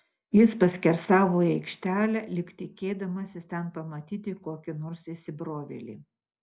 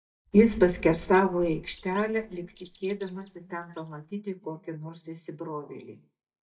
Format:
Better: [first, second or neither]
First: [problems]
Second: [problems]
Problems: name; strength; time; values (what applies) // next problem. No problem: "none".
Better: first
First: none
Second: noise reduction (neural mask model DeepFilterNet 3)